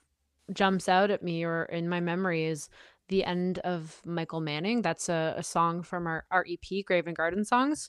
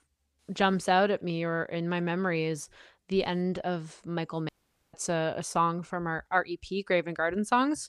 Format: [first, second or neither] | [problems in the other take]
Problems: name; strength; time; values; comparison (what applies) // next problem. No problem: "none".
first | audio cutting out; at 4.5 s